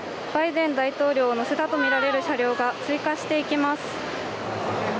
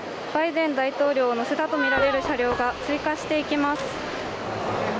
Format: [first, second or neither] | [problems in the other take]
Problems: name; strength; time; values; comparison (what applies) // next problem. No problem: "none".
first | background sound (Bark + Knock); 13 dB below the speech